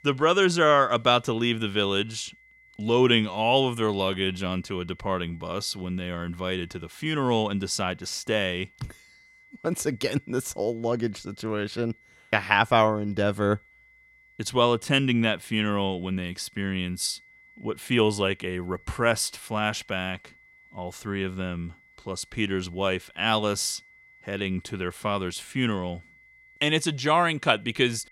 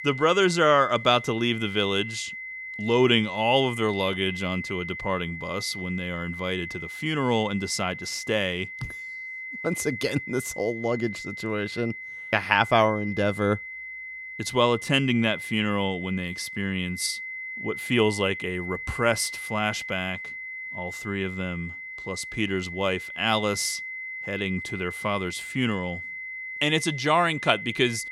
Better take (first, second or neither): first